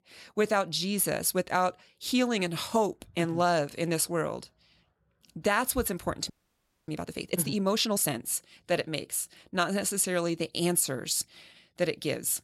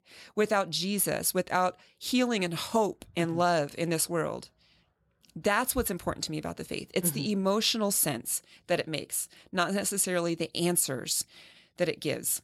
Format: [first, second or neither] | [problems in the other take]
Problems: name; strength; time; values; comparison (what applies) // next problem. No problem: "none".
second | audio freezing; at 6.5 s for 0.5 s